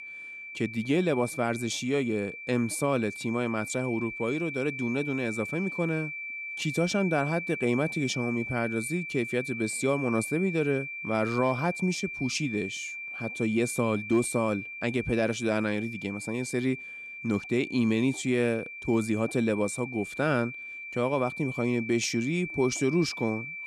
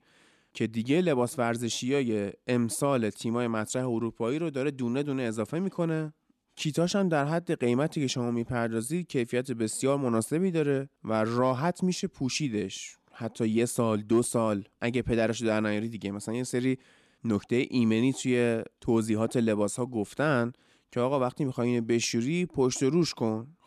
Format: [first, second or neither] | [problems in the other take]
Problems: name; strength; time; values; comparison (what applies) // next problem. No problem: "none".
second | high-pitched whine; loud; throughout; 2.5 kHz, 7 dB below the speech